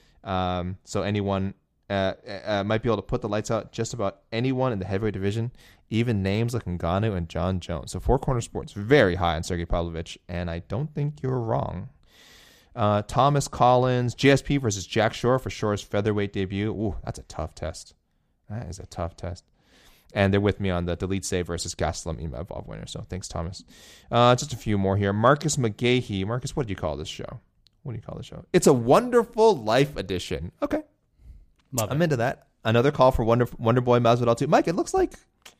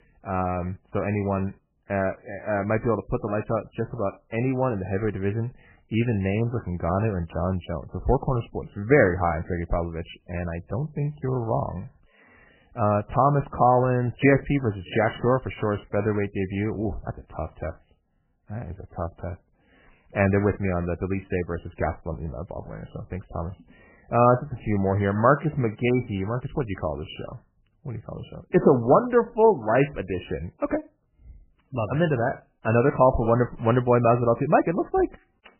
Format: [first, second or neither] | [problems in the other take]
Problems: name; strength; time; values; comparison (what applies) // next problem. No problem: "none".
first | garbled, watery; badly; nothing above 3 kHz